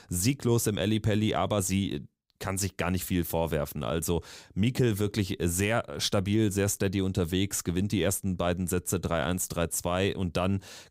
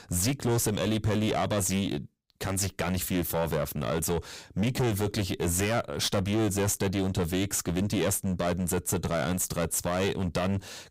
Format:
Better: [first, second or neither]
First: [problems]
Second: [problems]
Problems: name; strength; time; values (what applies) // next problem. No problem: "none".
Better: first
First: none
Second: distortion; heavy; 15% of the sound clipped